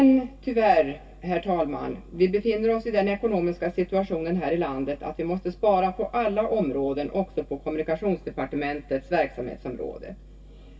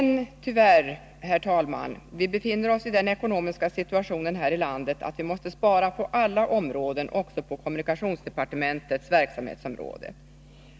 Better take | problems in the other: second | room echo; dies away in 0.1 s

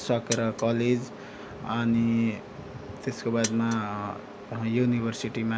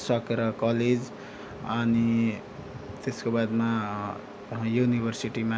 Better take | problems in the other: second | background sound (Mechanisms); 11 dB below the speech

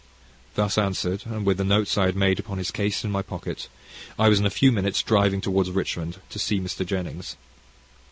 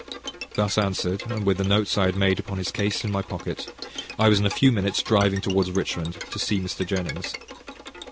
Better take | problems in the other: first | background sound (Bowed string instrument); 14 dB below the speech

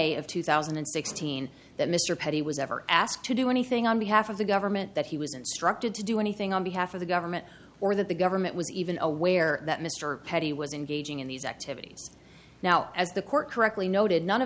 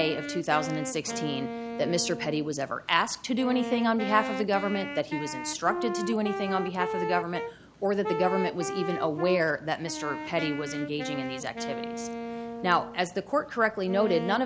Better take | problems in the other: first | background sound (Wind instrument, woodwind instrument); 6 dB below the speech

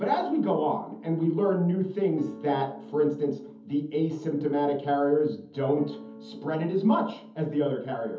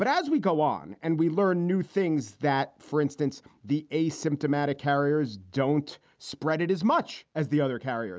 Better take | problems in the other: second | background sound (Electric guitar / Strum); 18 dB below the speech // room echo; dies away in 0.7 s

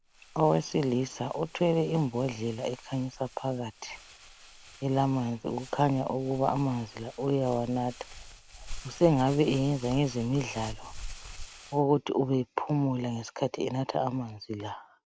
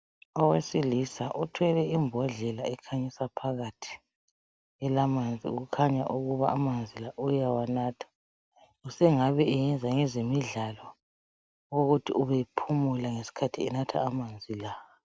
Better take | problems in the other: second | background sound (Crumpling, crinkling); 17 dB below the speech

